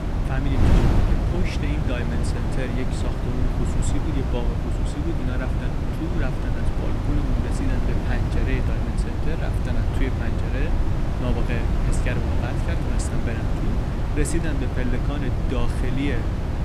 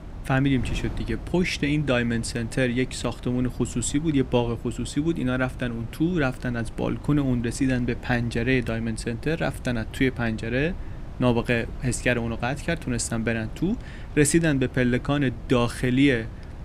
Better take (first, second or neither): second